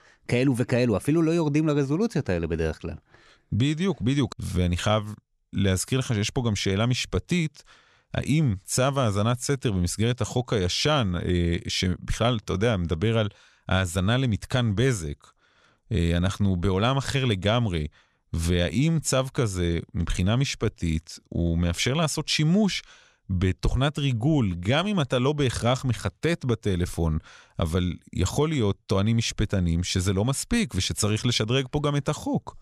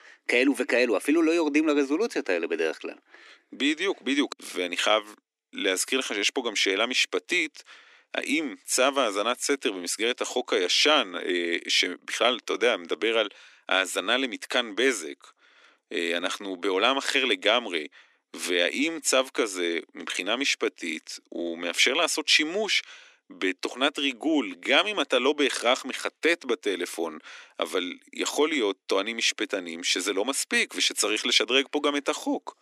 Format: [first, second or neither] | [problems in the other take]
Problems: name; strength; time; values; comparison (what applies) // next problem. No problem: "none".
first | thin; somewhat; fading below 250 Hz